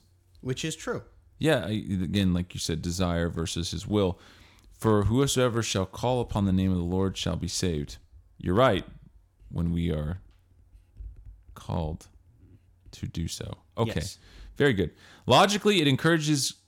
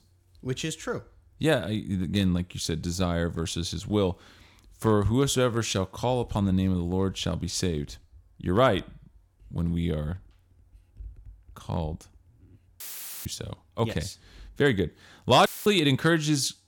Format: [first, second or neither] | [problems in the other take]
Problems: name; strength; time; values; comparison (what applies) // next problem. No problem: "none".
first | audio cutting out; filled with static; at 13 s and at 15 s